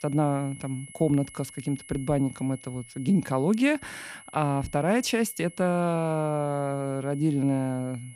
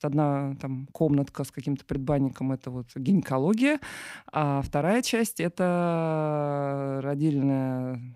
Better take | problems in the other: second | high-pitched whine; noticeable; throughout; 10.5 kHz, 20 dB below the speech

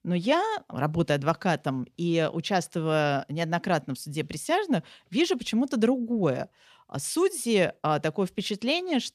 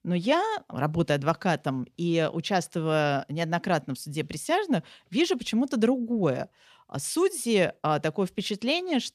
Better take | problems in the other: neither | none

